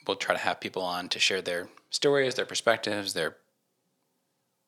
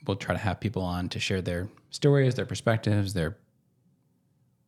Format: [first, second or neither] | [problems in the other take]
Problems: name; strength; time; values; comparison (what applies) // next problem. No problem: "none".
second | thin; very; fading below 450 Hz